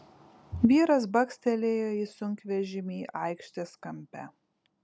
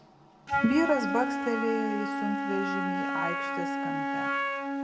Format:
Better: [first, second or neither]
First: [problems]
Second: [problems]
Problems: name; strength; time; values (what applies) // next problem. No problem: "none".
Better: first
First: none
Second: background sound (Wind instrument, woodwind instrument); as loud as the speech // room echo; dies away in 1.2 s